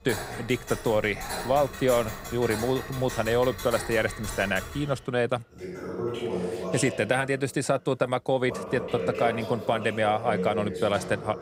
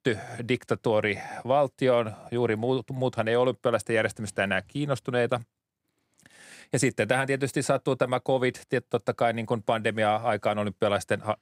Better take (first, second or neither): second